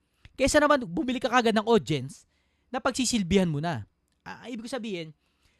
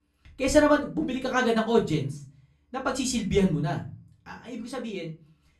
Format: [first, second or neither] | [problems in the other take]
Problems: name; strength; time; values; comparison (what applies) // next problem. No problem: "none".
first | off-mic speech; far // room echo; very slight; dies away in 0.3 s